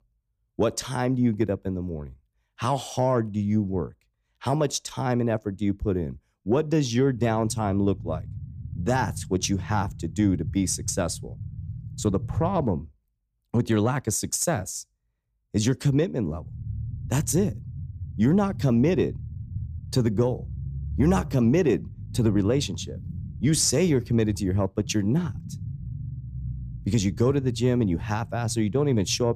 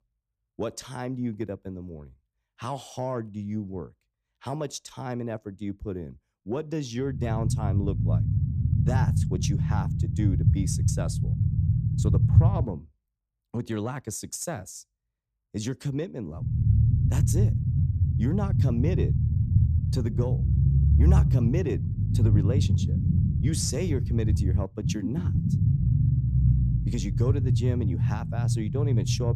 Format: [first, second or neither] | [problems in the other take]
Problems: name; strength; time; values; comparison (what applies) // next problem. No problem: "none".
first | low rumble; loud; from 7 to 13 s and from 16 s on; 2 dB below the speech; faint in the first